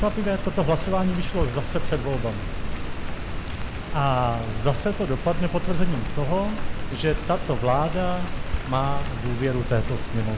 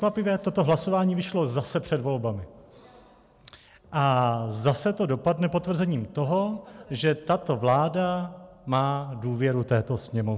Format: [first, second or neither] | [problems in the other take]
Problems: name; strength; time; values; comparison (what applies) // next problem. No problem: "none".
second | background sound (Rain); as loud as the speech